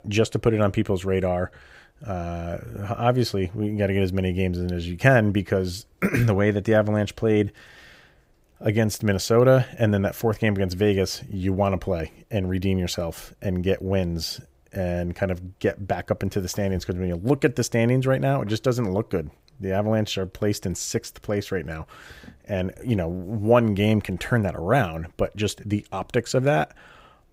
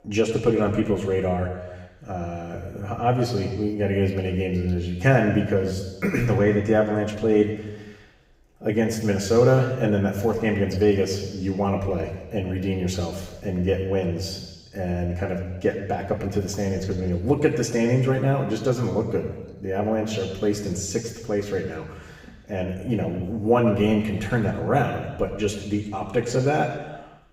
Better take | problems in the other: first | room echo; noticeable; dies away in 1.1 s // off-mic speech; far

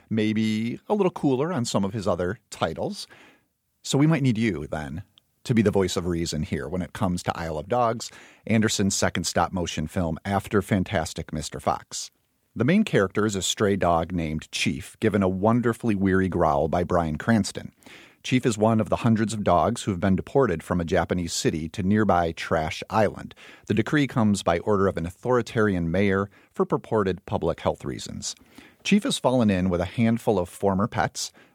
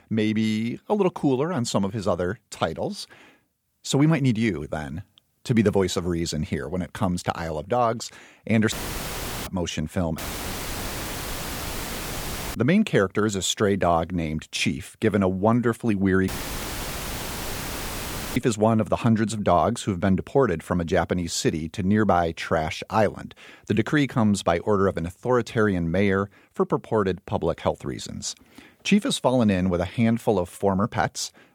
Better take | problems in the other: first | audio cutting out; filled with static; at 8.5 s for 1 s, at 10 s for 2.5 s and at 16 s for 2 s

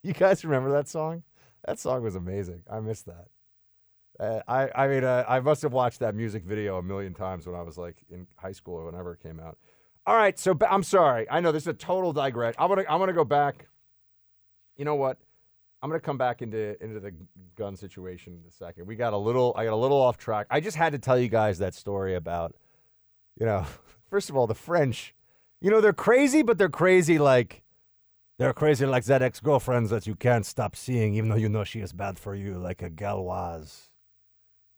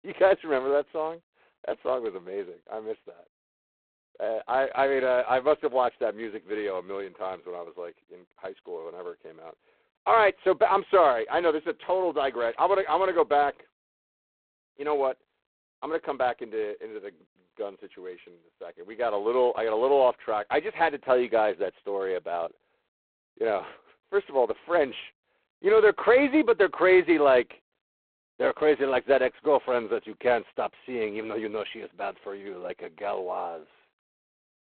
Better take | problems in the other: first | phone-call audio; poor line; nothing above 4 kHz

